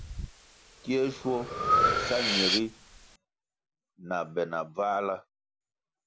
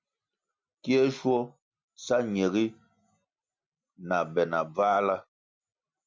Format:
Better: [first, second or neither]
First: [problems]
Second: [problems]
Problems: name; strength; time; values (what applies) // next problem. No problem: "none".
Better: second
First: background sound (Breathing); 1 dB above the speech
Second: none